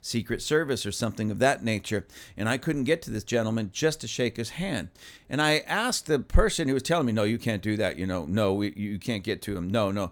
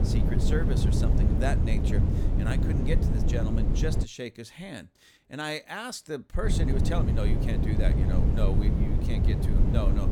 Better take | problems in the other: first | wind noise on the microphone; heavy; until 4 s and from 6.5 s on; 1 dB below the speech

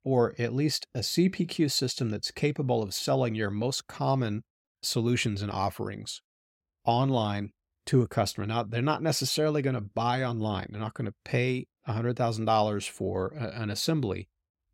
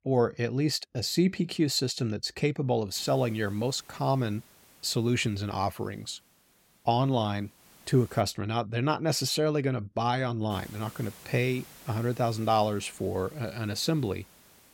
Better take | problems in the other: first | hiss; faint; from 3 to 8 s and from 11 s on; 25 dB below the speech

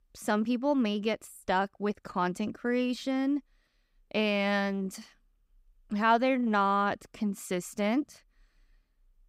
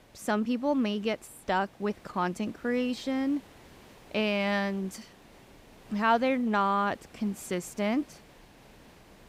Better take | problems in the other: first | hiss; faint; throughout; 25 dB below the speech

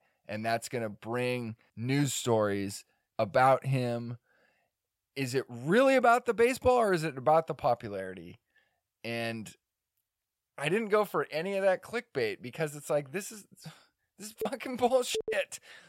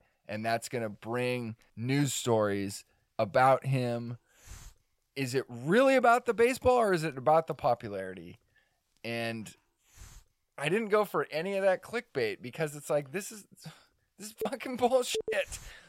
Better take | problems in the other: first | hiss; faint; throughout; 30 dB below the speech

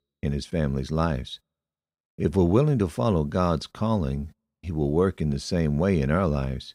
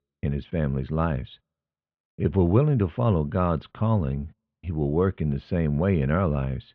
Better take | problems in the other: first | muffled; very; fading above 3 kHz

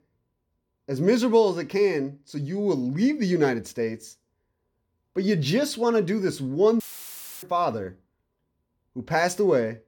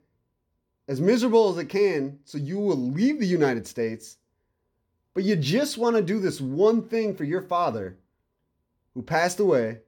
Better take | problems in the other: second | audio cutting out; filled with static; at 7 s for 0.5 s

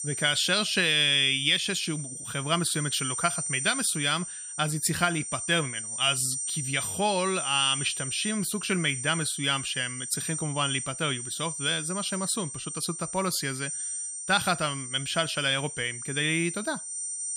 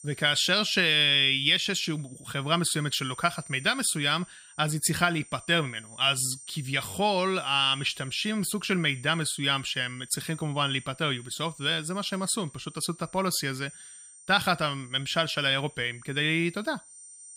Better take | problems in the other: second | high-pitched whine; loud; throughout; 8.5 kHz, 6 dB below the speech; faint in the second

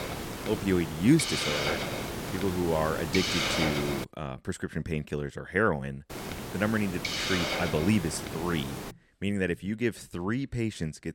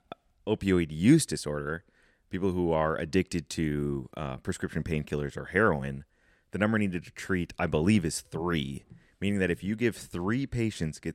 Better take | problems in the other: second | hiss; loud; until 4 s and from 6 to 9 s; 2 dB below the speech

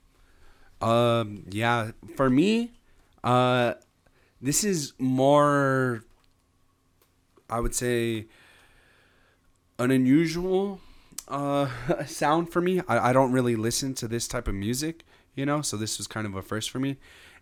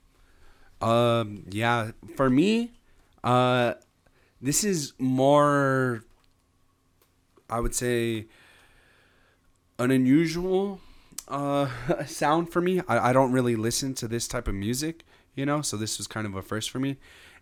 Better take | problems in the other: neither | none

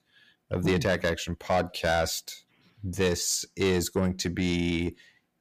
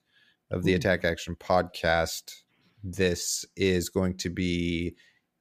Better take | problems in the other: second | distortion; slight; 10 dB below the speech

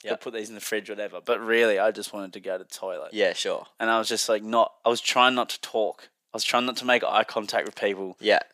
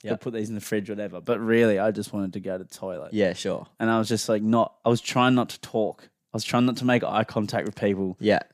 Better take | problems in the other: second | thin; somewhat; fading below 500 Hz

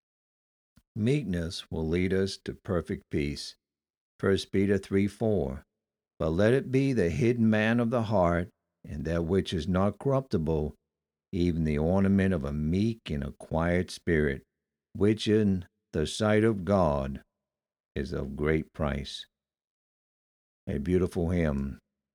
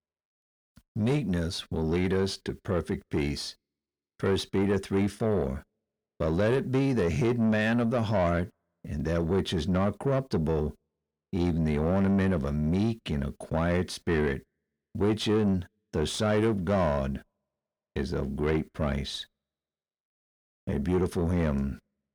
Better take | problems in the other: first | distortion; slight; 10 dB below the speech

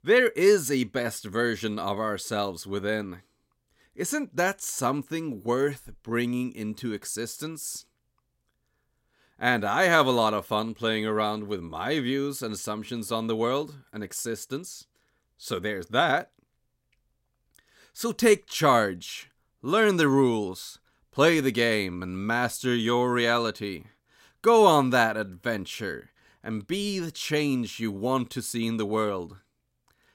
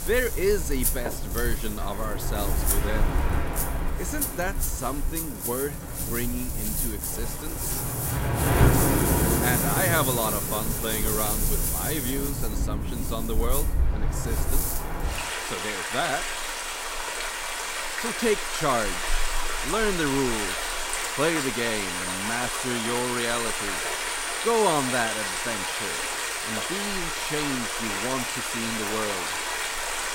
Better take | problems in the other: first | rain or running water; very loud; throughout; 3 dB above the speech

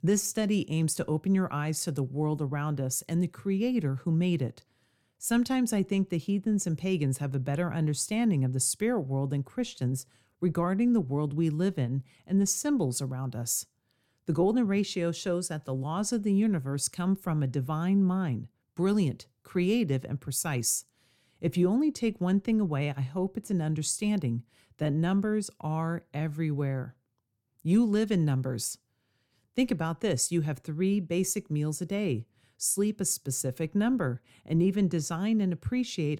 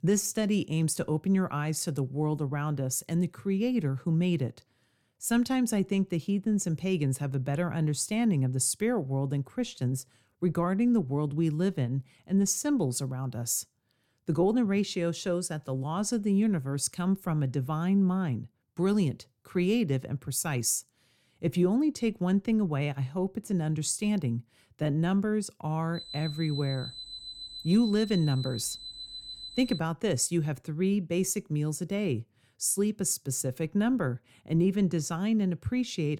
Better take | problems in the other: first | alarm; faint; from 26 to 30 s; peak 10 dB below the speech

